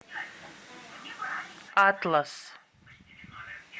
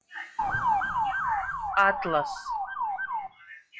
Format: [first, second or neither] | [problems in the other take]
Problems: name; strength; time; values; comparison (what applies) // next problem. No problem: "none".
first | noise reduction (classical method log-MMSE)